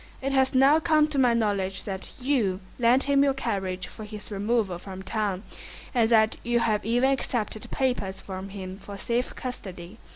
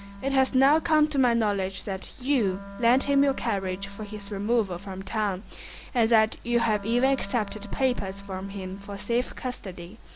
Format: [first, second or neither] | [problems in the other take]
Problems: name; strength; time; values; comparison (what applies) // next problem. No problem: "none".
first | background sound (Wind instrument, woodwind instrument); 17 dB below the speech